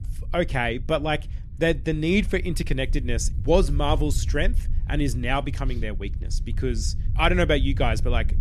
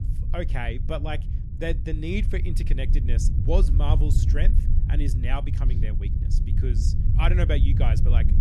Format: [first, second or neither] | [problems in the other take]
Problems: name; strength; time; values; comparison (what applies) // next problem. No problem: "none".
first | low rumble; loud; throughout; 7 dB below the speech; faint in the first